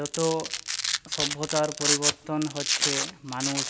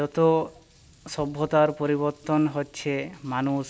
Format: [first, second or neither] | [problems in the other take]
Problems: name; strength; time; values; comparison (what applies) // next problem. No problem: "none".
second | background sound (Domestic sounds, home sounds); 2 dB above the speech